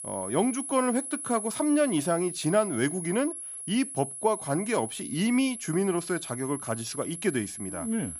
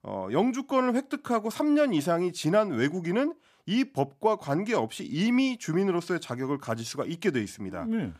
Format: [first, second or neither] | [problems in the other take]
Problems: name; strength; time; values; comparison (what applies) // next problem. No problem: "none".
second | high-pitched whine; loud; throughout; 10.5 kHz, 7 dB below the speech